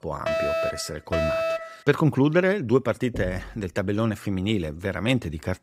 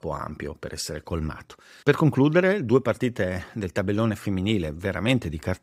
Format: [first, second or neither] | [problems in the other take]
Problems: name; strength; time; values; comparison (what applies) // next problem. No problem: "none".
second | alarm; loud; until 2 s; peak 1 dB above the speech // door banging; faint; at 3 s; peak 10 dB below the speech